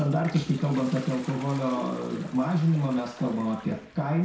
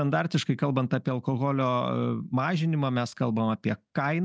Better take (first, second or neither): second